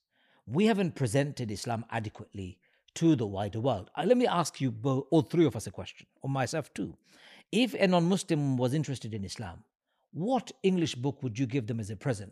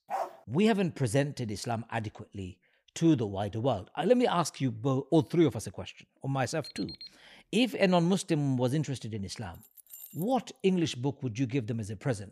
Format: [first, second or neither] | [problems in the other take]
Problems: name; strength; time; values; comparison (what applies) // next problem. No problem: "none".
first | dog barking; noticeable; at the start; peak 7 dB below the speech // alarm; faint; at 6.5 s; peak 15 dB below the speech // jangling keys; faint; at 9.5 s; peak 15 dB below the speech